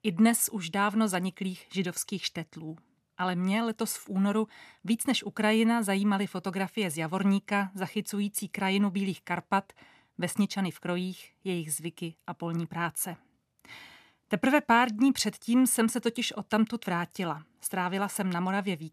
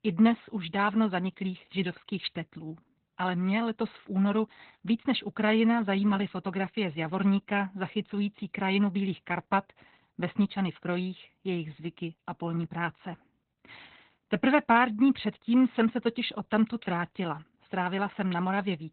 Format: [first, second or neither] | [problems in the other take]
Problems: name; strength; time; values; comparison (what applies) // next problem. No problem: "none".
first | garbled, watery; badly; nothing above 4 kHz